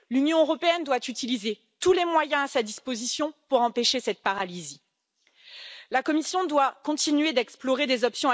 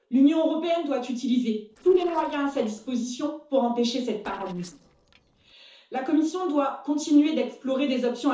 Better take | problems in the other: first | noise reduction (neural separator model SepFormer DNS4)

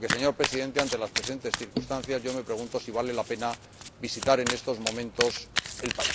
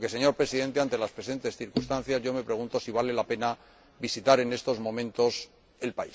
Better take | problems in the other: second | background sound (Domestic sounds, home sounds); 4 dB below the speech

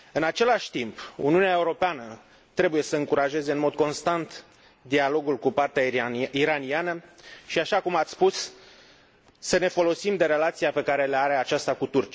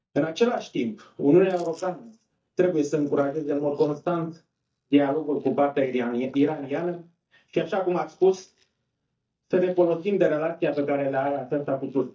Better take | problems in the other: first | noise reduction (neural mask model DeepFilterNet 3)

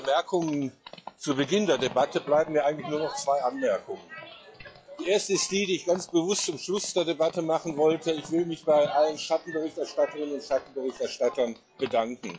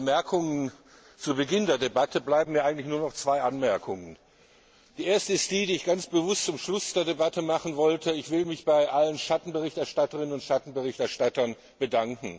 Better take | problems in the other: second | noise reduction (classical method log-MMSE)

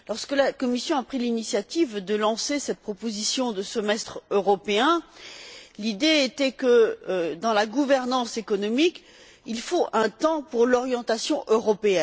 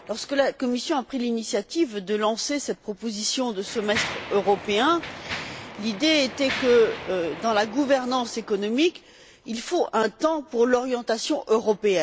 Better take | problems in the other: first | background sound (Mechanisms); 14 dB below the speech

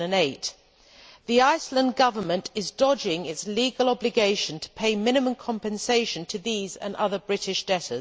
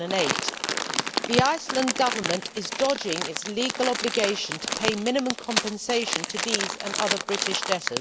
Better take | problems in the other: first | background sound (Crumpling, crinkling); 1 dB below the speech

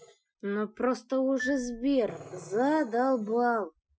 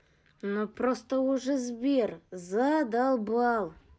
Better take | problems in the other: second | noise reduction (classical method Wiener filter)

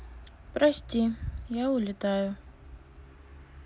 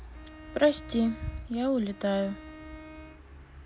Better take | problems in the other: first | background sound (Bowed string instrument); 18 dB below the speech

